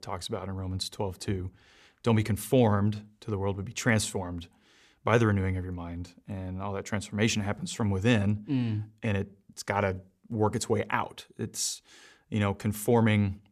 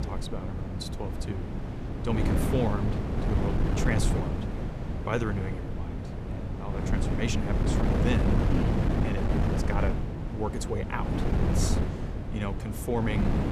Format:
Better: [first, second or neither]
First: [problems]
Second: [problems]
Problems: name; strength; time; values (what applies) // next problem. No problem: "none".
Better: first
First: none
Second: wind noise on the microphone; heavy; as loud as the speech